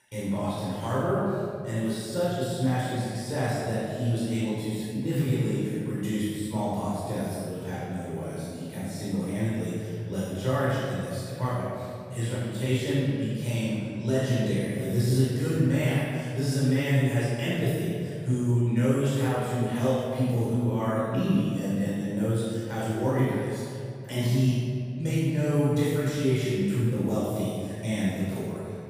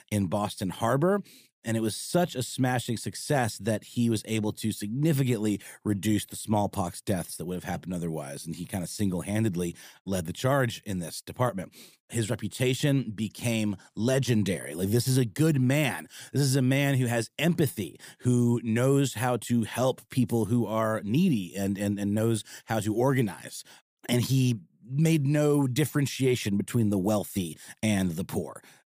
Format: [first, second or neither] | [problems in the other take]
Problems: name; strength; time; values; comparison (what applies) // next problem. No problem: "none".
second | off-mic speech; far // room echo; strong; dies away in 2.4 s